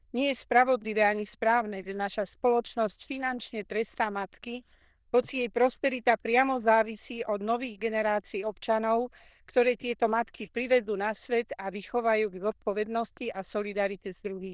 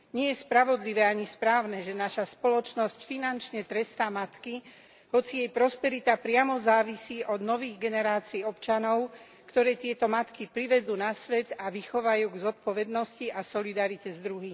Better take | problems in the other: second | noise reduction (neural diffusion model UNIVERSE++)

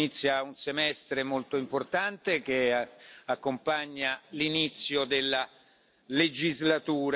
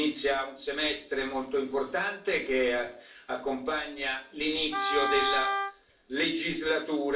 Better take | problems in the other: first | background sound (Wind instrument, woodwind instrument); 1 dB below the speech // room echo; dies away in 0.4 s

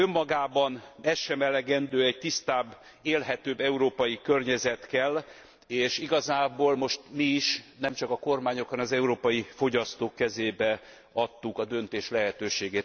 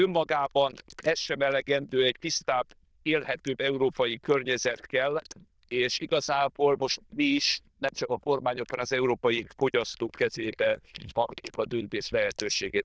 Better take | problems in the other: first | noise reduction (neural diffusion model UNIVERSE++)

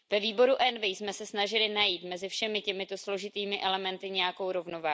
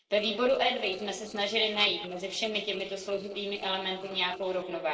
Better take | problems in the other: first | noise reduction (neural separator model SepFormer DNS4)

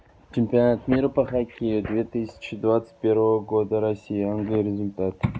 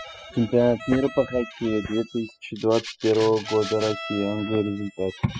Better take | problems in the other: first | noise reduction (classical method spectral subtraction)

